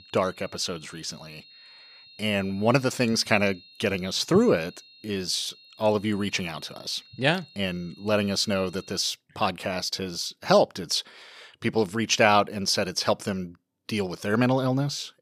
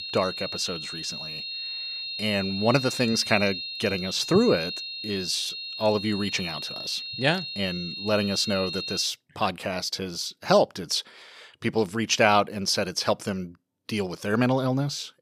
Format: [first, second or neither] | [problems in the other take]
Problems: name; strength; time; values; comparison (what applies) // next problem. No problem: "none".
first | high-pitched whine; loud; until 9 s; 4 kHz, 6 dB below the speech; faint in the first